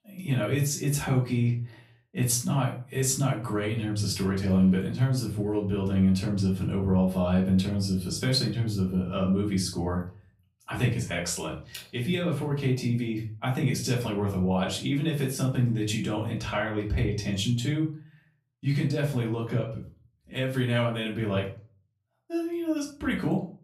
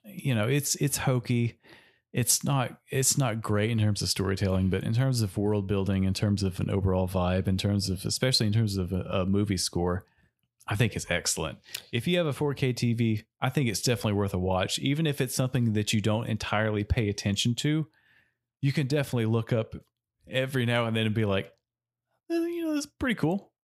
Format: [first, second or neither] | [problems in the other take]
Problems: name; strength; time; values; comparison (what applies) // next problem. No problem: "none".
second | off-mic speech; far // room echo; slight; dies away in 0.3 s